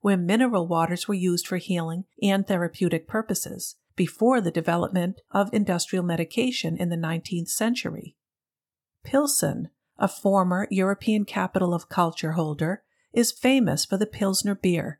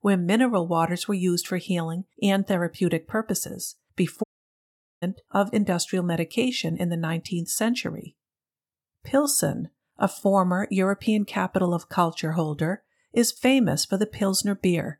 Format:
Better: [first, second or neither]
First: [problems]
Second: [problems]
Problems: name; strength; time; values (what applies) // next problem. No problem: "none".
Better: first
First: none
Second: audio cutting out; at 4 s for 1 s